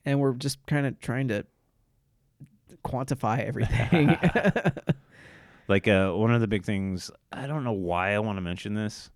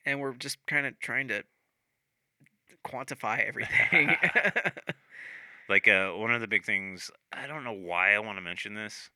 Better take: first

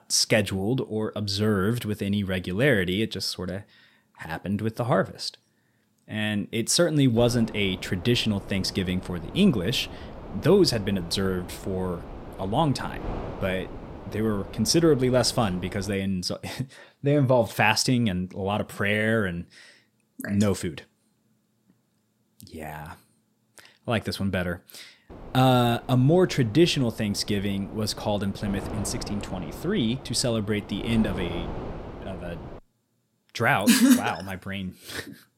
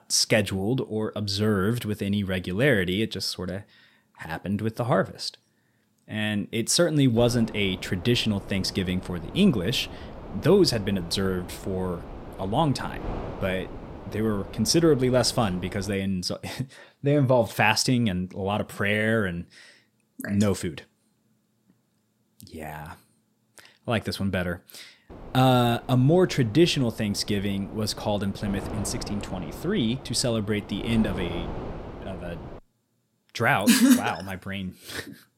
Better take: neither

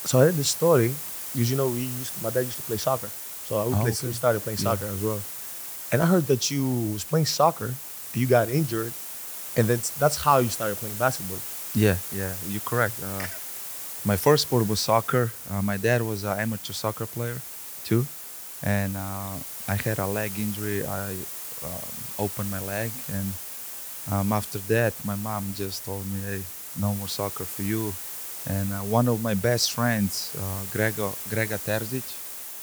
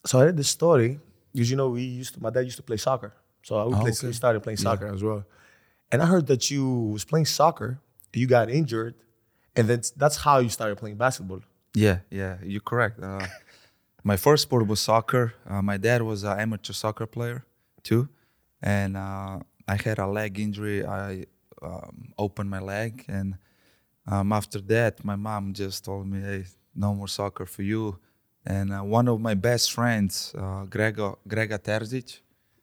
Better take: second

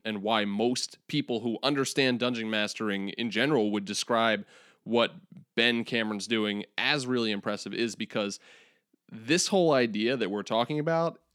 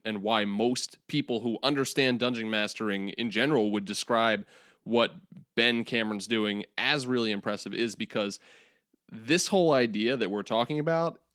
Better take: first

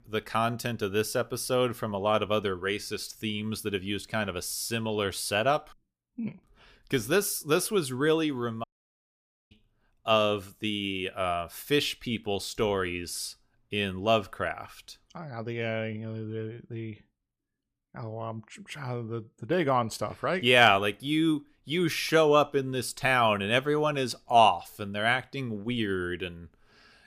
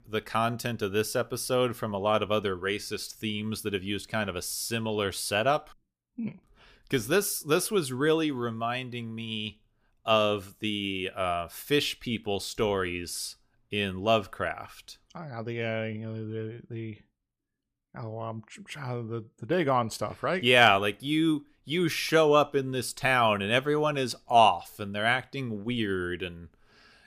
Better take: second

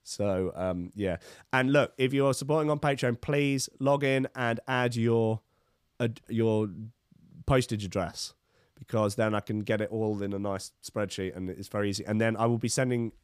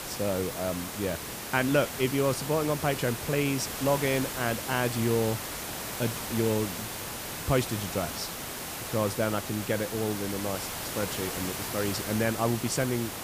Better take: first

